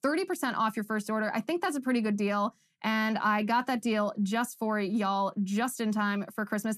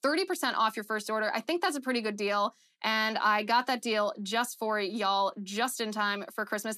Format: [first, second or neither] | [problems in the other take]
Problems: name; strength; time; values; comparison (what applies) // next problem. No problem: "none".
first | thin; somewhat; fading below 300 Hz